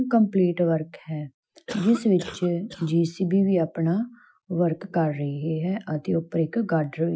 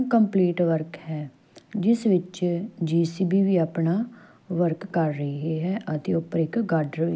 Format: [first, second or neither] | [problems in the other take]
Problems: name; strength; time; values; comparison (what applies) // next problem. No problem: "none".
second | noise reduction (classical method Wiener filter)